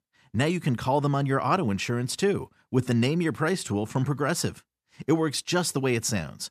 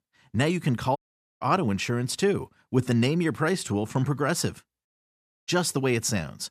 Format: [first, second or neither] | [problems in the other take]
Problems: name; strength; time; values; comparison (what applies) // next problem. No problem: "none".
first | audio cutting out; at 1 s and at 5 s for 0.5 s